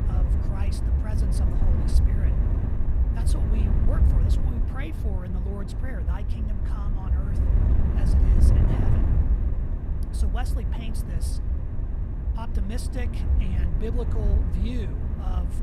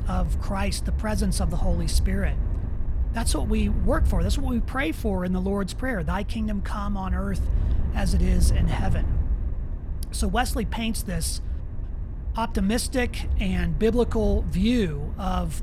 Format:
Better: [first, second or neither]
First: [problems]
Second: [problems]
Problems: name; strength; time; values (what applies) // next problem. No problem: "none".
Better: second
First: wind noise on the microphone; heavy; 2 dB above the speech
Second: wind noise on the microphone; occasional gusts; 15 dB below the speech